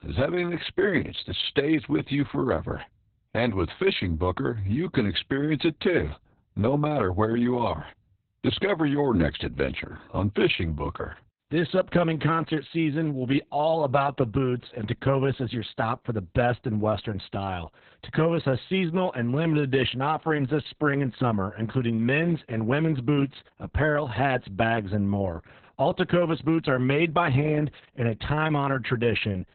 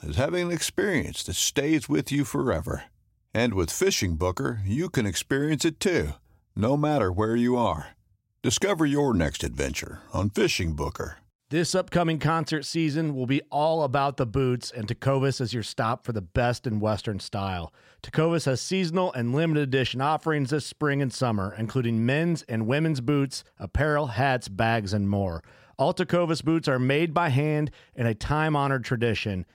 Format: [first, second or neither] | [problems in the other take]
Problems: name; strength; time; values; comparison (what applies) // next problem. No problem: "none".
second | garbled, watery; badly; nothing above 4 kHz